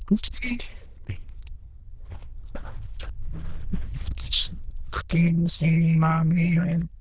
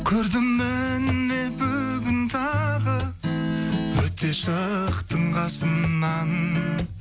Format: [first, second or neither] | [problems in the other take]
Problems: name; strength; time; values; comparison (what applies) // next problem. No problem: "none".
second | noise reduction (neural diffusion model UNIVERSE++)